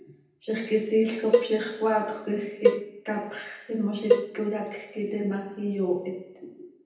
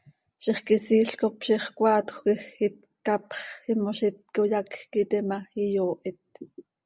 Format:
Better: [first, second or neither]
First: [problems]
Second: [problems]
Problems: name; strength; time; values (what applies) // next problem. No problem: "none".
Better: second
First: background sound (Cowbell); 1 dB above the speech // room echo; dies away in 0.9 s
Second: none